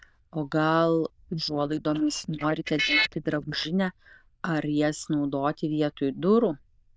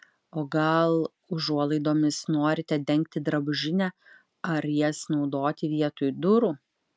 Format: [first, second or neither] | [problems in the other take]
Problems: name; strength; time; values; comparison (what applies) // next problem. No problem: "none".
second | noise reduction (neural diffusion model UNIVERSE++)